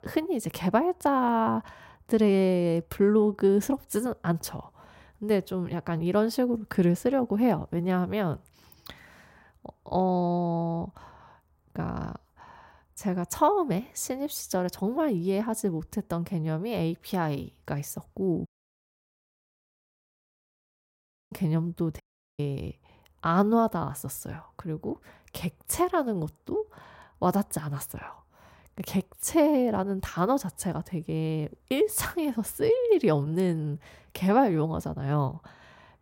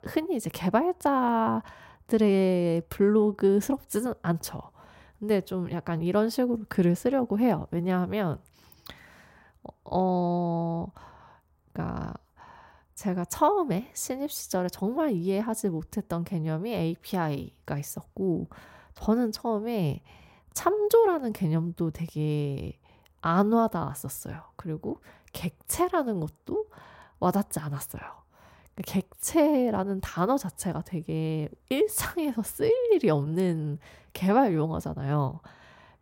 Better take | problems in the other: second | audio cutting out; at 18 s for 3 s and at 22 s

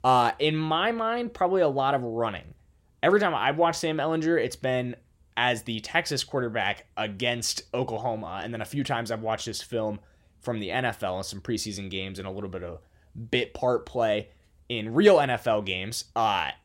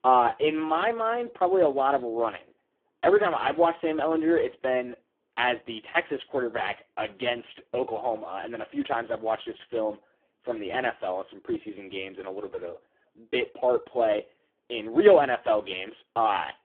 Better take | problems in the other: first | phone-call audio; poor line

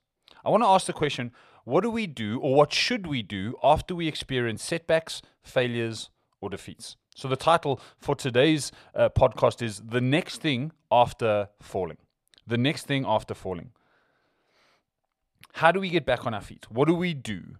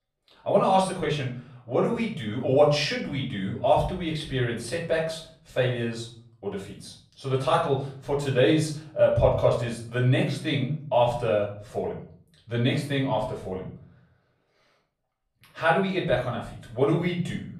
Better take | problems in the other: first | off-mic speech; far // room echo; slight; dies away in 0.5 s

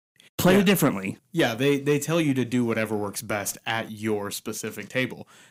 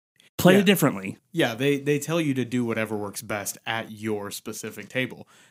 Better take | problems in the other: second | distortion; slight; 10 dB below the speech

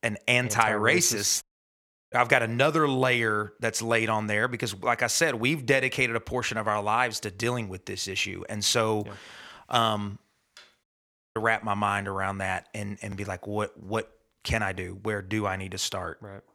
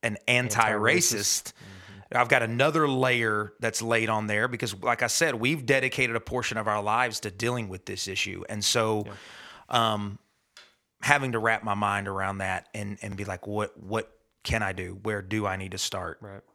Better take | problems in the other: second | audio cutting out; at 1.5 s for 0.5 s and at 11 s for 0.5 s

